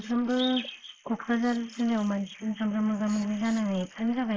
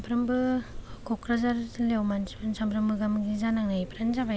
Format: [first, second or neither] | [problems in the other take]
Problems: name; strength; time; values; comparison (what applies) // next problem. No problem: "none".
second | noise reduction (neural mask model Resemble Enhance denoiser)